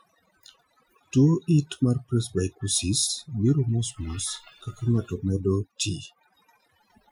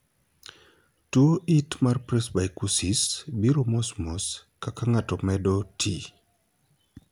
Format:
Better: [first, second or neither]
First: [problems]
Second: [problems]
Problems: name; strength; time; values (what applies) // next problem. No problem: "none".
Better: second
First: noise reduction (classical method Wiener filter)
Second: none